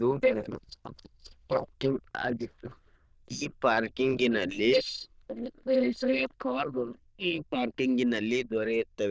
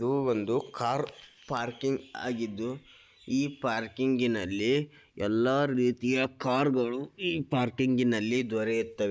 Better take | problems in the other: second | noise reduction (neural diffusion model UNIVERSE++)

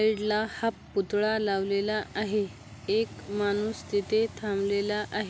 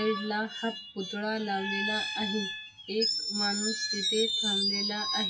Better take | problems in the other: first | noise reduction (classical method WPE with log-MMSE)

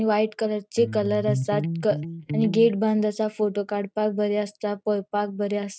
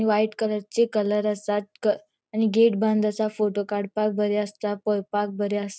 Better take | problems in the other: second | background sound (Electric guitar); 5 dB below the speech

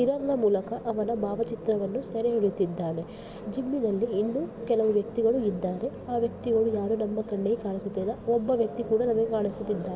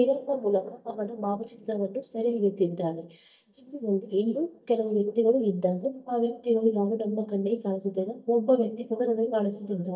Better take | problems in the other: first | noise reduction (neural mask model DeepFilterNet 3)

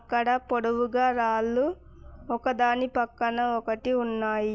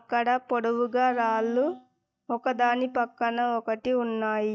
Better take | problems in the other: first | noise reduction (neural mask model DeepFilterNet 3)

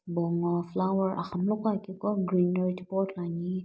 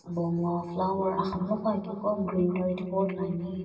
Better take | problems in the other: first | room echo; dies away in 2.6 s

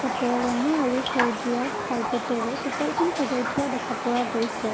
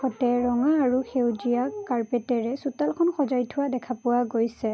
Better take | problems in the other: second | background sound (Raindrop); 3 dB below the speech

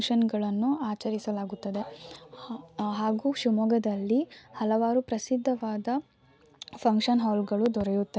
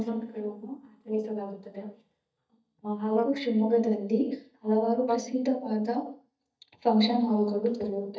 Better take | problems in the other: first | noise reduction (neural mask model DeepFilterNet 3)

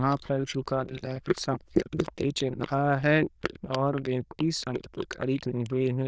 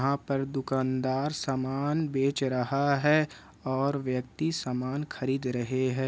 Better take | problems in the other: second | noise reduction (neural diffusion model UNIVERSE++)

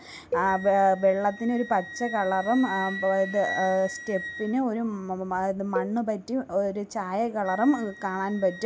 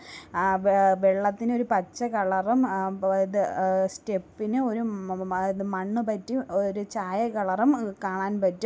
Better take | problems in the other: second | background sound (Cowbell + Wind instrument, woodwind instrument); 12 dB below the speech

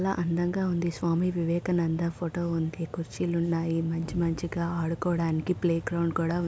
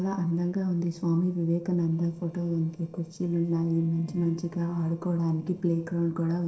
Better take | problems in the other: first | noise reduction (neural separator model SepFormer DNS4)

